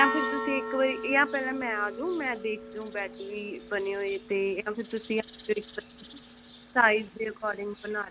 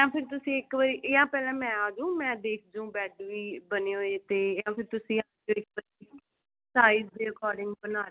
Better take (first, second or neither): second